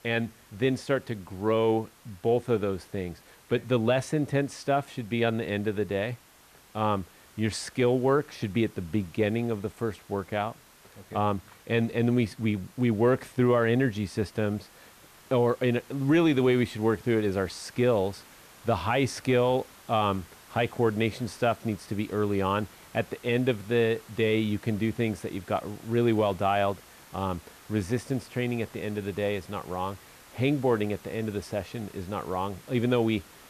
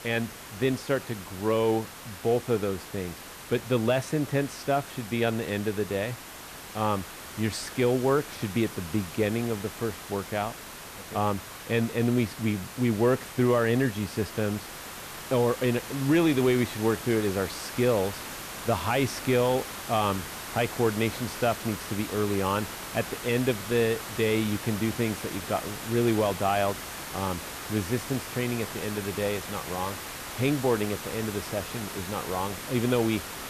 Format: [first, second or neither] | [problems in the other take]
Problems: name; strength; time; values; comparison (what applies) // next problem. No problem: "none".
first | hiss; loud; throughout; 9 dB below the speech; faint in the first